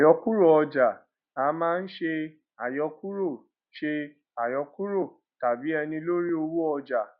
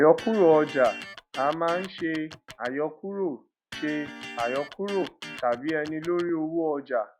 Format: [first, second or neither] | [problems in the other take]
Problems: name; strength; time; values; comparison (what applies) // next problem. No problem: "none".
first | background sound (Electric guitar); 15 dB below the speech